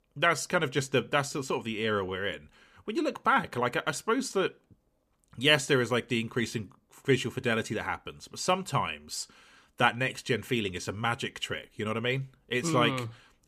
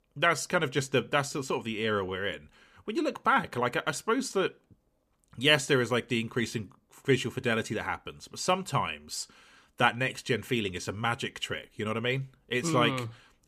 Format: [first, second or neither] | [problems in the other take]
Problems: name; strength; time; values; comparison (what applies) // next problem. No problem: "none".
neither | none